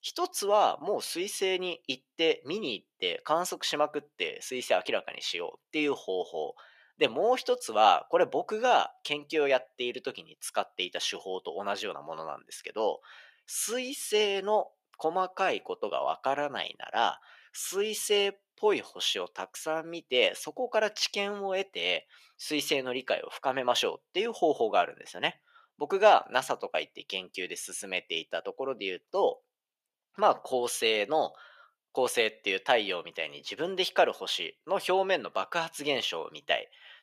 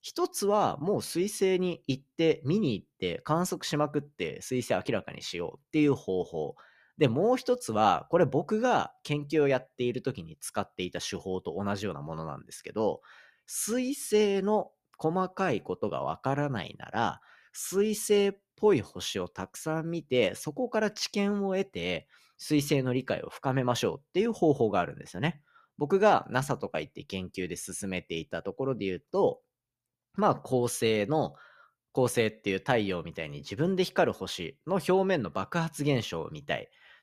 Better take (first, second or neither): second